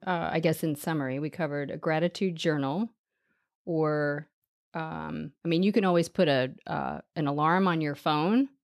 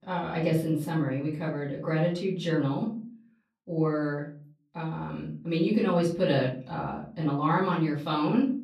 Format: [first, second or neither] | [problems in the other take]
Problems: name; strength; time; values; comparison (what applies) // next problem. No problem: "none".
first | off-mic speech; far // room echo; slight; dies away in 0.4 s